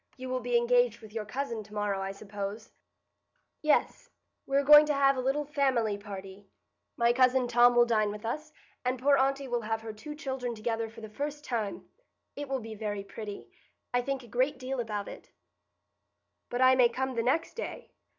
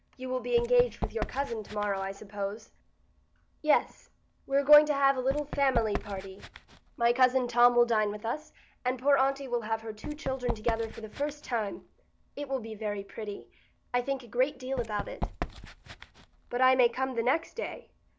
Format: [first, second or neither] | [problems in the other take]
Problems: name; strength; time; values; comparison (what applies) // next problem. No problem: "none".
first | background sound (Run); 12 dB below the speech